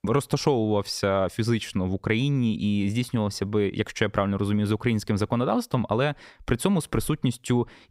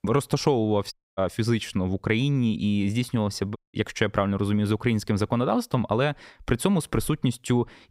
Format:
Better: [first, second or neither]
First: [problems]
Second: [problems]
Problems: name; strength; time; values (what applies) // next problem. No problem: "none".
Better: first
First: none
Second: audio cutting out; at 1 s and at 3.5 s